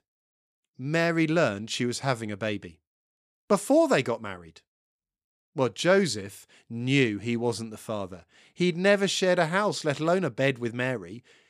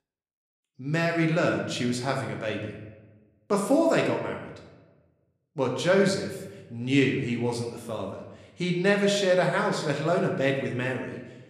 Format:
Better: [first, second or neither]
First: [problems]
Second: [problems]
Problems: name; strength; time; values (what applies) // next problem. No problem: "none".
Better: first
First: none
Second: room echo; slight; dies away in 0.9 s // off-mic speech; somewhat distant